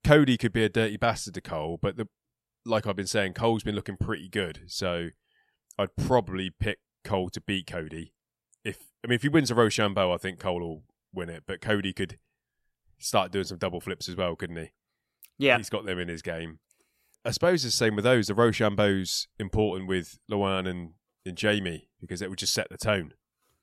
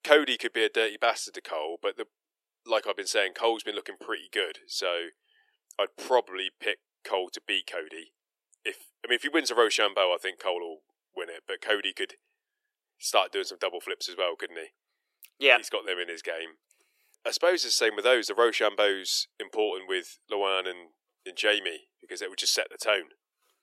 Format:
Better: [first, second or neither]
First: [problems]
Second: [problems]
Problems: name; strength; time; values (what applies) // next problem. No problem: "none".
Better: first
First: none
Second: thin; very; fading below 350 Hz